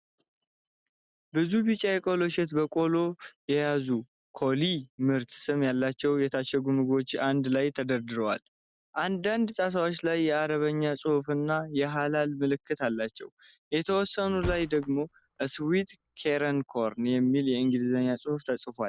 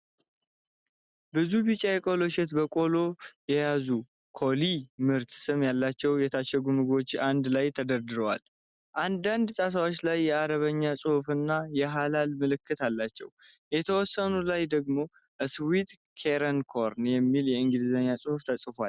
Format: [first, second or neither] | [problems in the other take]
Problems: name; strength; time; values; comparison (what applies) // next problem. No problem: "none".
second | background sound (Thump, thud); 14 dB below the speech